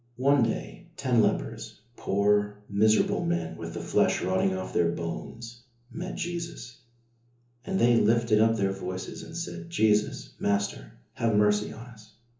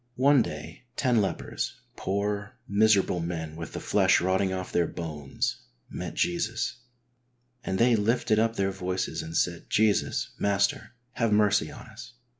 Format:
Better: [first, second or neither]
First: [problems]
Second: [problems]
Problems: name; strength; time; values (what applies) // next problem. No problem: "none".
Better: second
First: room echo; dies away in 0.8 s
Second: none